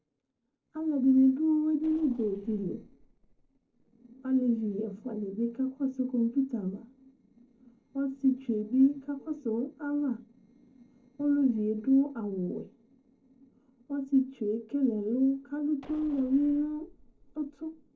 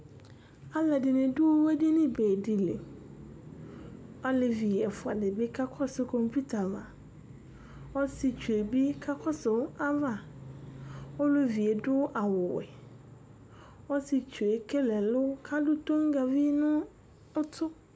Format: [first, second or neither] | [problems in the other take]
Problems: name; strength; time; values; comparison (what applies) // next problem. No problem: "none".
second | noise reduction (neural separator model SepFormer DNS4)